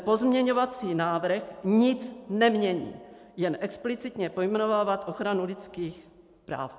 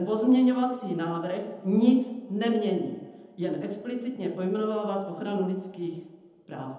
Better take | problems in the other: first | room echo; dies away in 0.8 s

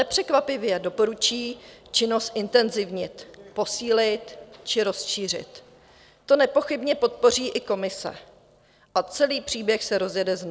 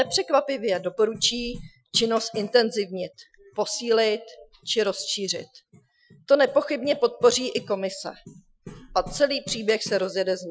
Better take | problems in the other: first | noise reduction (classical method Wiener filter)

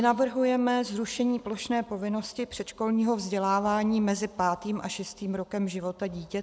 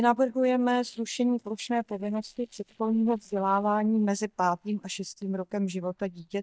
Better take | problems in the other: first | noise reduction (neural mask model DeepFilterNet 3)

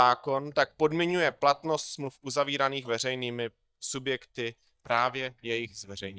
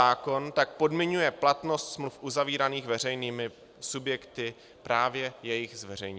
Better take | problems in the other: second | noise reduction (neural mask model DeepFilterNet 3)

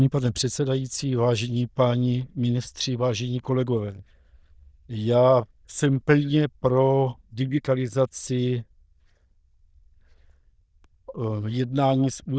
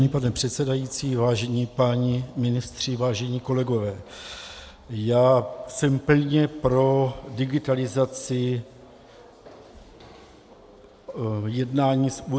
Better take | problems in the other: second | noise reduction (neural diffusion model UNIVERSE++)

